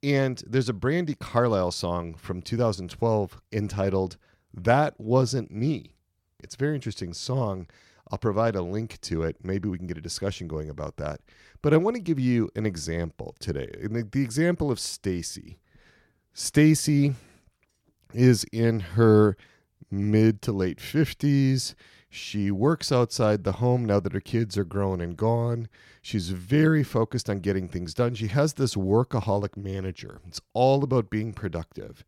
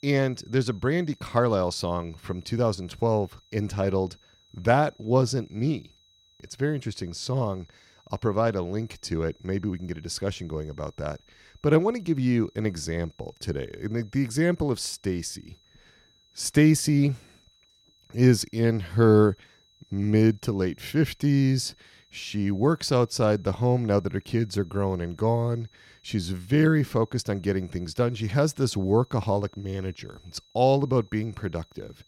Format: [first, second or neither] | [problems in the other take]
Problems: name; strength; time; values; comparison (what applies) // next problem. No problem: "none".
first | high-pitched whine; faint; throughout; 4 kHz, 35 dB below the speech